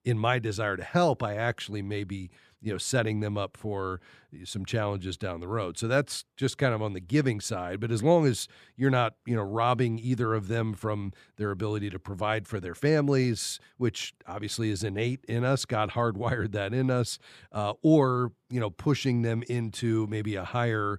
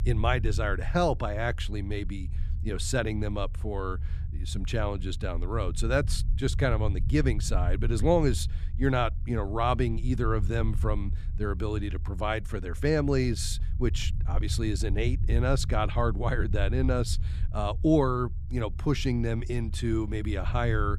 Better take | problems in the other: first | low rumble; noticeable; throughout; 20 dB below the speech

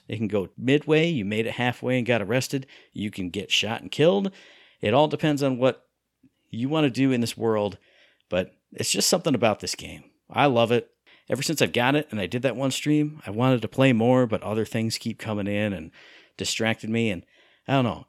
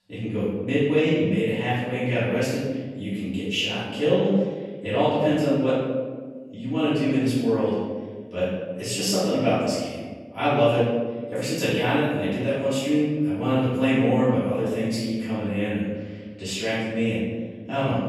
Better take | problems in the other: first | off-mic speech; far // room echo; strong; dies away in 1.4 s

